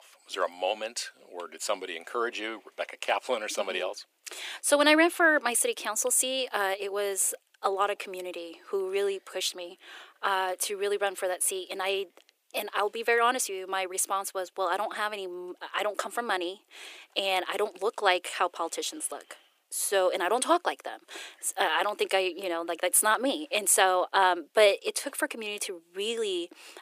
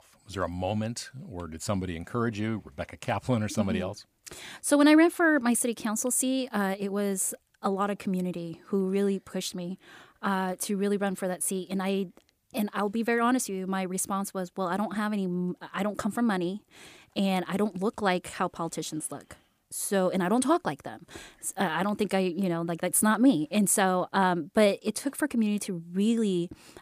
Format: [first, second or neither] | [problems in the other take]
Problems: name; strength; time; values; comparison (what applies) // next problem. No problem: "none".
second | thin; very; fading below 400 Hz